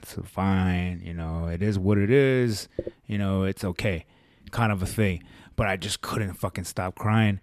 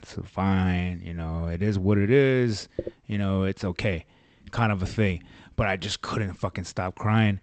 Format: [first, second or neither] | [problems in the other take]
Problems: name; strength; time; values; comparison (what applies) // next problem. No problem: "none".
first | garbled, watery; slightly; nothing above 8 kHz